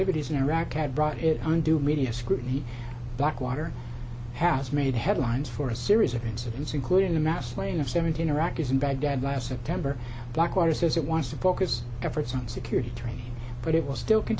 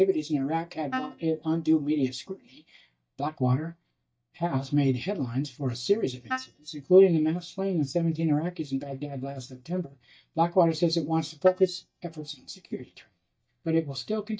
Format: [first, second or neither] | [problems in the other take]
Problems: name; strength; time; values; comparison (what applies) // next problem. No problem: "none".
first | noise reduction (neural mask model DeepFilterNet 3)